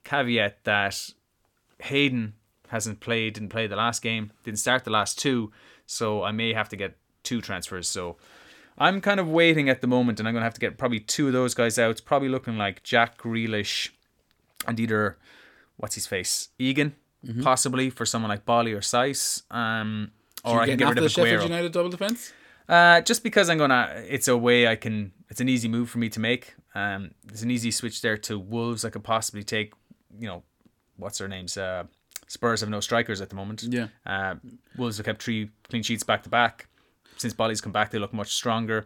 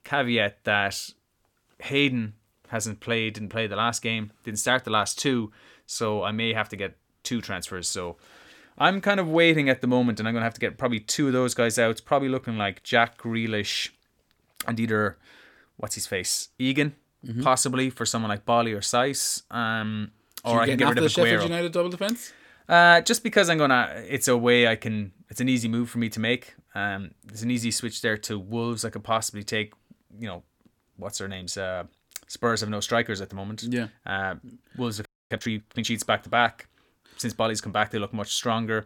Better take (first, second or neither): first